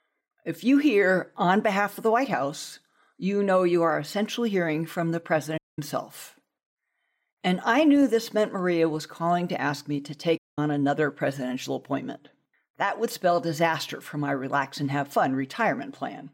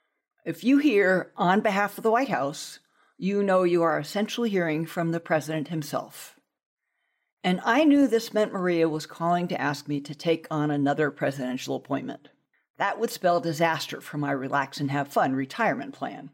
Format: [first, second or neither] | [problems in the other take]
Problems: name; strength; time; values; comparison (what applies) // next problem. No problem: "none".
second | audio cutting out; at 5.5 s and at 10 s